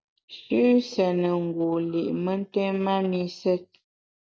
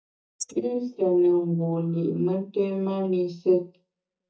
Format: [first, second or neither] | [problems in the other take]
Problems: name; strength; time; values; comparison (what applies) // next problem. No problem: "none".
first | noise reduction (neural mask model DeepFilterNet 3)